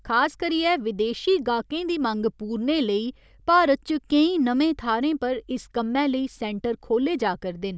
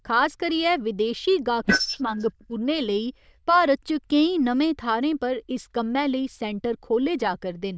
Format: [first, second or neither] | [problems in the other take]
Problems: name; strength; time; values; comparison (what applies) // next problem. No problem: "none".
first | noise reduction (neural diffusion model UNIVERSE++)